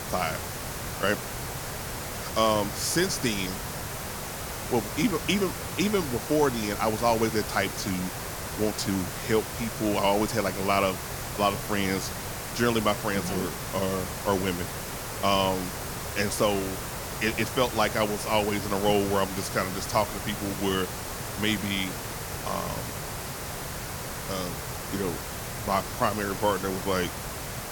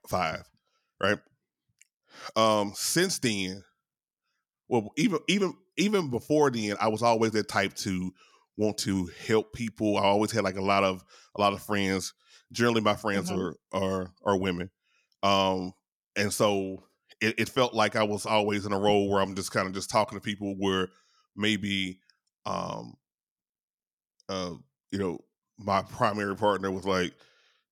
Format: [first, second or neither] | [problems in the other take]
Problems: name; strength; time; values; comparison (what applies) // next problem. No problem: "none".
second | hiss; loud; throughout; 6 dB below the speech